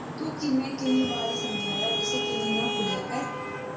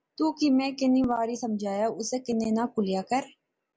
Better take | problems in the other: second | background sound (Traffic noise, roadway noise / Vehicle horn, car horn, honking); as loud as the speech // room echo; dies away in 0.5 s

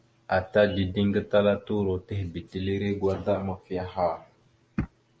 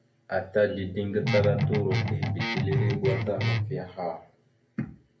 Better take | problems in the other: first | background sound (Guitar); 3 dB above the speech // room echo; dies away in 0.3 s

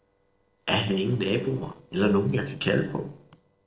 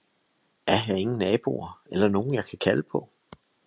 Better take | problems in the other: second | noise reduction (neural separator model SepFormer DNS4)

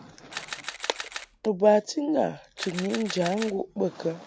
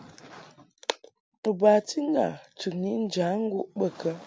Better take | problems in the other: second | background sound (Camera); 12 dB below the speech

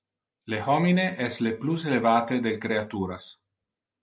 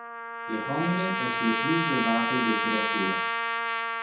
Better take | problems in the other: first | background sound (Trumpet); 2 dB above the speech // room echo; dies away in 0.6 s

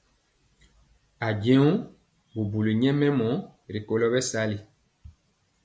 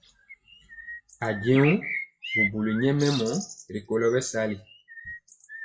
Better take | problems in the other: first | noise reduction (classical method WPE with log-MMSE)

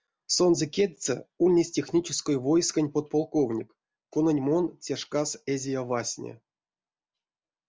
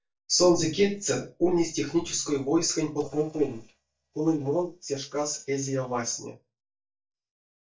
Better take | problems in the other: first | noise reduction (neural mask model DeepFilterNet 3)

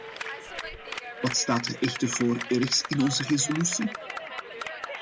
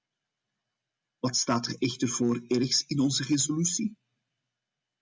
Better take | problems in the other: second | background sound (Clapping); 8 dB below the speech

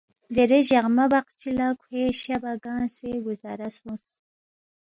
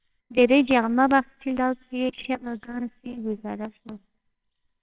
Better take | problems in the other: first | noise reduction (neural separator model SepFormer WHAMR!)

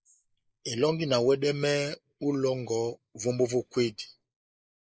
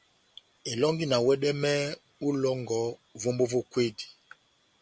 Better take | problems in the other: second | noise reduction (neural mask model Resemble Enhance denoiser)

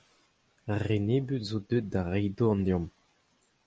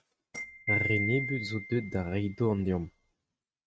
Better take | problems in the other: first | noise reduction (neural mask model RNNoise)

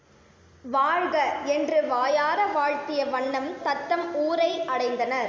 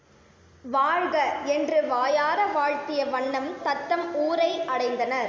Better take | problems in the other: first | background sound (Livestock, farm animals, working animals); 20 dB below the speech

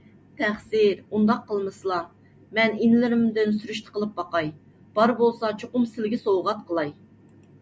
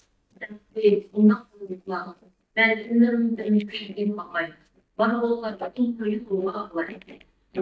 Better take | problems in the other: first | noise reduction (neural mask model DeepFilterNet 3)

